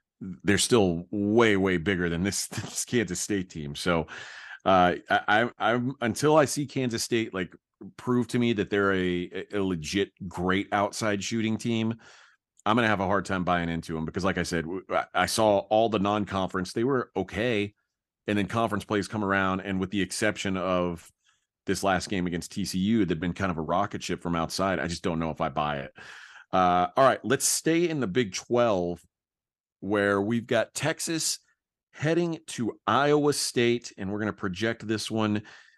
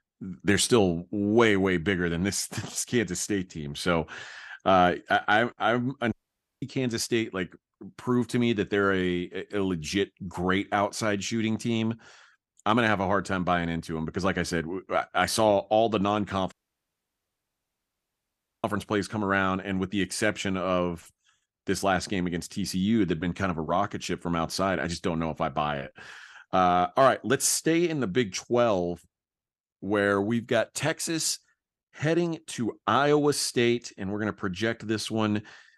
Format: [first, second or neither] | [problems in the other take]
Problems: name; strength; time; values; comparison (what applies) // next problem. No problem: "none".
first | audio cutting out; at 6 s for 0.5 s and at 17 s for 2 s